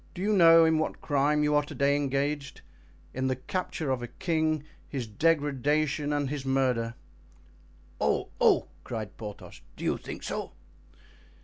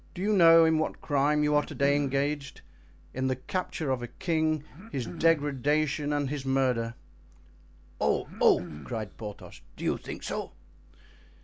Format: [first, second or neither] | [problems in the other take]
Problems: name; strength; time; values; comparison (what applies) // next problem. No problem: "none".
first | background sound (Cough); 14 dB below the speech